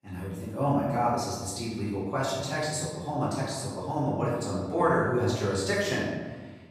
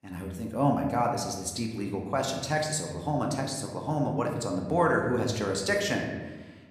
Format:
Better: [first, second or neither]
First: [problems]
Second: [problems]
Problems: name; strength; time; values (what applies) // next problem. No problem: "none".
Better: second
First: room echo; strong; dies away in 1.2 s // off-mic speech; far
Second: room echo; slight; dies away in 1.1 s